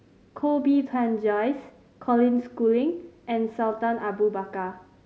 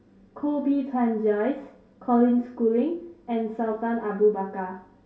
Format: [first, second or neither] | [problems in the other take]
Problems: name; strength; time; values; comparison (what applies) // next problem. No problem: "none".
first | room echo; dies away in 0.3 s